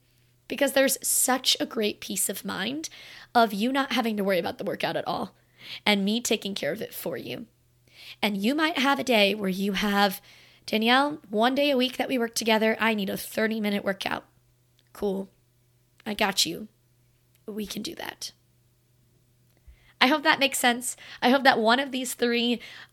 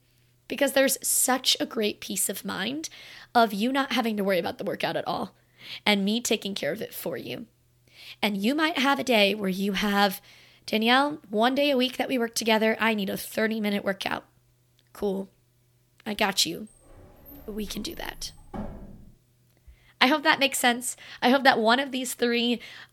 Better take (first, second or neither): first